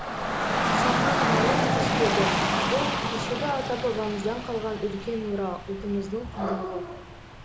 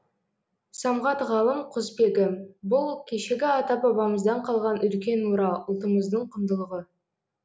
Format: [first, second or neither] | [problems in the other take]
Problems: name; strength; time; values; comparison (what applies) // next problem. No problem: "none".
second | background sound (Rain / Dog); 3 dB above the speech